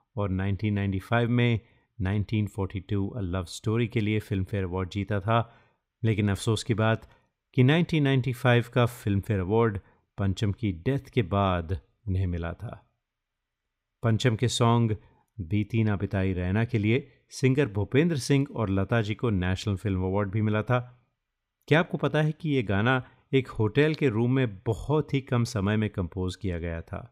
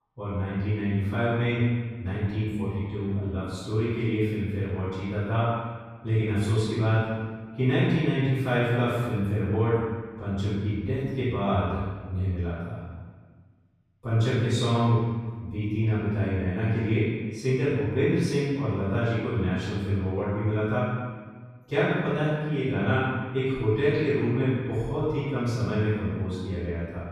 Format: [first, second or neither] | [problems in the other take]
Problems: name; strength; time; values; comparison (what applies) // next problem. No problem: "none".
first | off-mic speech; far // room echo; strong; dies away in 1.4 s